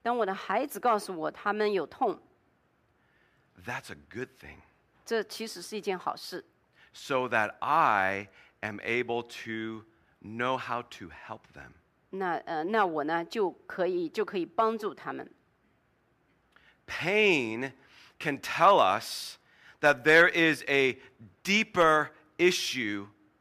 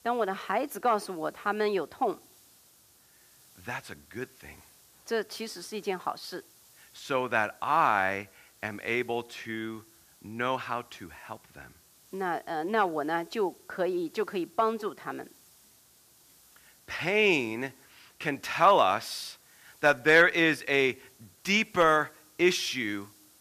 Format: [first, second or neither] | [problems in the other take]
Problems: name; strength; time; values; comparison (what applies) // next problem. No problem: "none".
first | hiss; faint; throughout; 30 dB below the speech